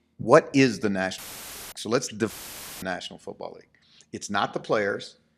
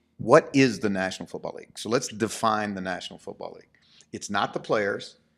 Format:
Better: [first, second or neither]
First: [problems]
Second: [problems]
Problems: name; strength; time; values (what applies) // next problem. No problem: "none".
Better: second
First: audio cutting out; filled with static; at 1 s for 0.5 s and at 2.5 s for 0.5 s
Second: none